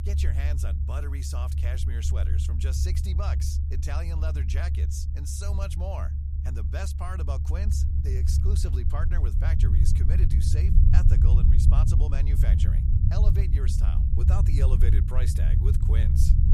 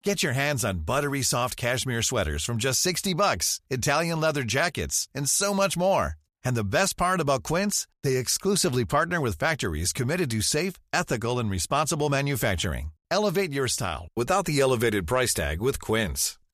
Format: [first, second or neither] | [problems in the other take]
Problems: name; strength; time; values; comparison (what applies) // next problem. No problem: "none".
second | low rumble; loud; throughout; 1 dB below the speech